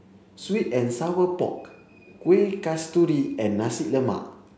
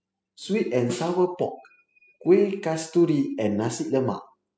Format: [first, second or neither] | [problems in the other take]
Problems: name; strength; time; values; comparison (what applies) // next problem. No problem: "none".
first | noise reduction (classical method spectral subtraction)